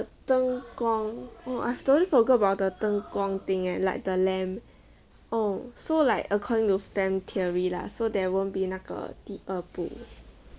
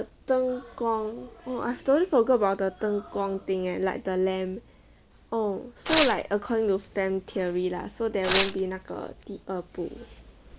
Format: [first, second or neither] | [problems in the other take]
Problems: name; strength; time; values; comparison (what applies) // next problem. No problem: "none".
first | background sound (Tearing); 4 dB below the speech